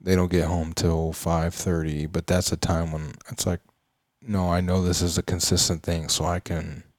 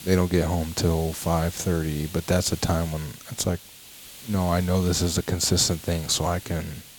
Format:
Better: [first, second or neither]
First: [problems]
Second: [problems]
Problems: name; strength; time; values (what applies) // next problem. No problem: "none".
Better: first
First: none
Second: hiss; noticeable; throughout; 15 dB below the speech